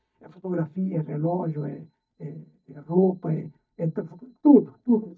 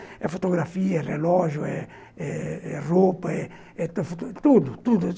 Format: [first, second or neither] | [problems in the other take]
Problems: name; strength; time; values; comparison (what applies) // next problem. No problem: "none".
second | noise reduction (neural mask model DeepFilterNet 3)